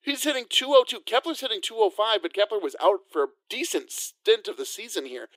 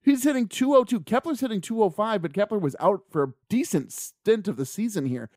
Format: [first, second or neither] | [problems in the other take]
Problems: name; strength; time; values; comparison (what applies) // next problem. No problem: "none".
second | thin; very; fading below 350 Hz